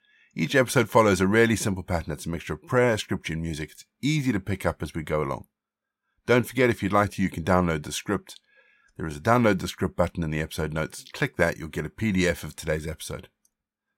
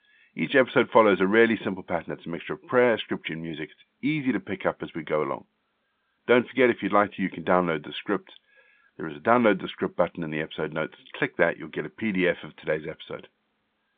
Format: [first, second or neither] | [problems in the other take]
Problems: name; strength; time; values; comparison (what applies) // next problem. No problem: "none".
first | phone-call audio